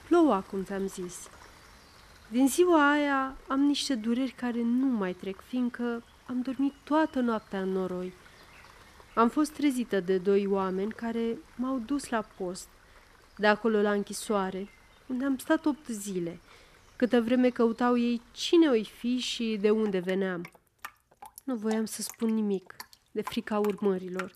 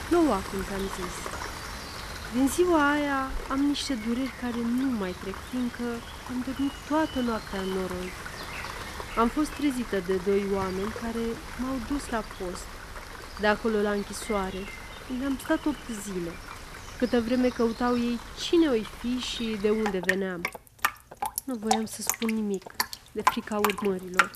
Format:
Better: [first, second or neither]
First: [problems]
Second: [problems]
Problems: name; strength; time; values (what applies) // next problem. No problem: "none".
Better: first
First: rain or running water; faint; throughout; 25 dB below the speech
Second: rain or running water; loud; throughout; 7 dB below the speech